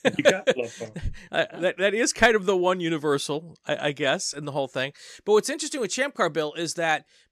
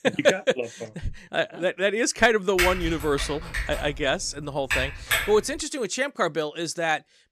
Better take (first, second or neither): first